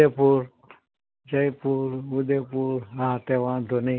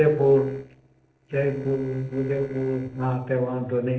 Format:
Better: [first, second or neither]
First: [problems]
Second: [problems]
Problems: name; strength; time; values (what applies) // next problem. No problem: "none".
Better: first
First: none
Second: noise reduction (neural separator model SepFormer DNS4)